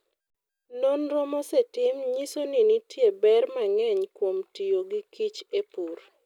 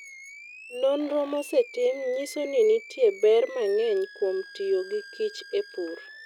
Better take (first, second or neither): first